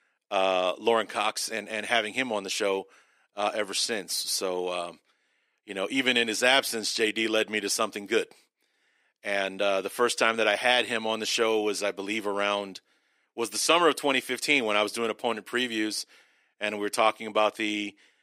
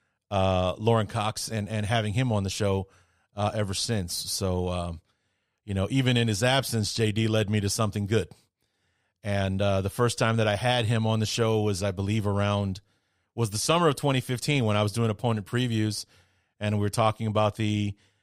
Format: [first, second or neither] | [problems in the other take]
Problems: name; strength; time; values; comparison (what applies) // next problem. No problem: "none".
second | thin; somewhat; fading below 300 Hz